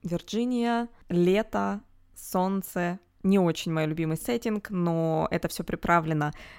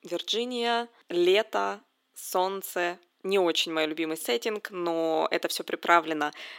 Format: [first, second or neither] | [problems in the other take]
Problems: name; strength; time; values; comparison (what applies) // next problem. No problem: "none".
first | thin; very; fading below 350 Hz